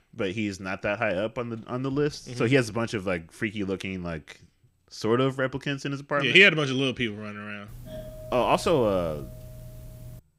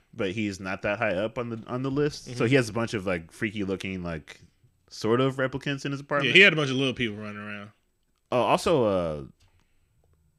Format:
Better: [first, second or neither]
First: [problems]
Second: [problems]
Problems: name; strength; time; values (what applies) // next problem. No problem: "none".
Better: second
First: doorbell; faint; from 7.5 s on; peak 15 dB below the speech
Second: none